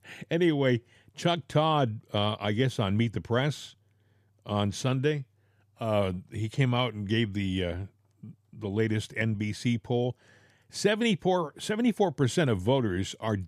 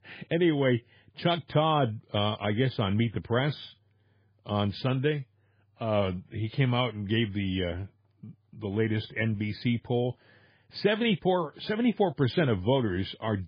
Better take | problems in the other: first | garbled, watery; badly; nothing above 4.5 kHz

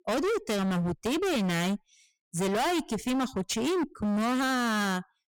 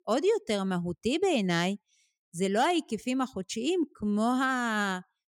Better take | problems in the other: second | distortion; heavy; 37% of the sound clipped

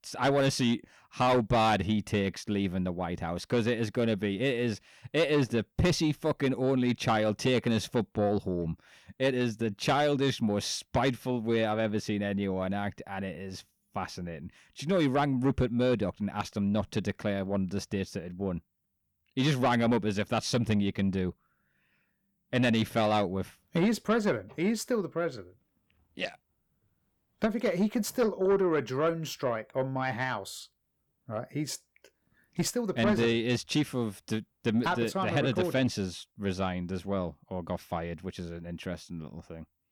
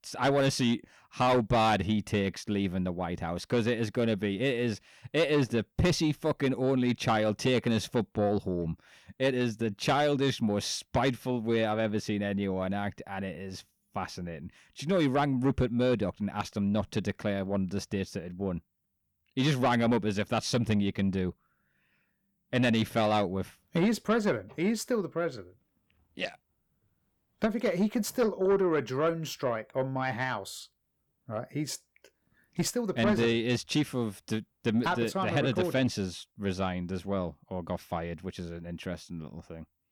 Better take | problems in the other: neither | distortion; slight; 10 dB below the speech; the same in both

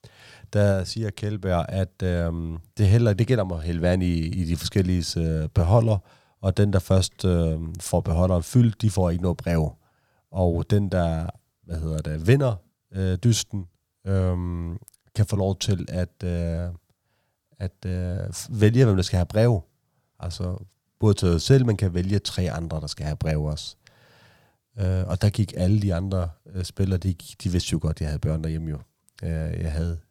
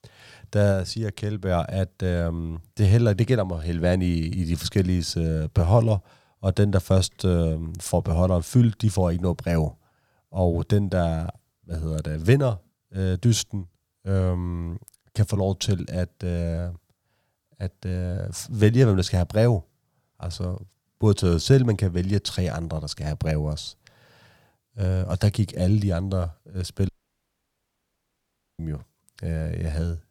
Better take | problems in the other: first | audio cutting out; at 27 s for 1.5 s

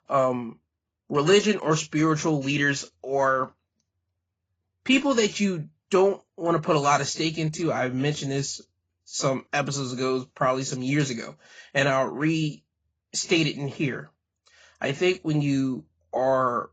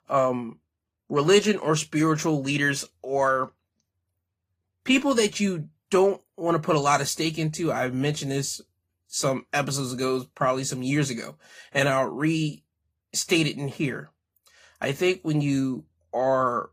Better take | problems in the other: second | garbled, watery; badly; nothing above 7.5 kHz; slightly in the second

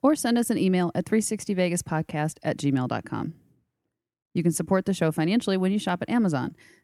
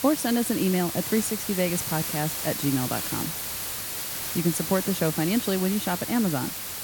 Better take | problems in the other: first | hiss; loud; throughout; 3 dB below the speech

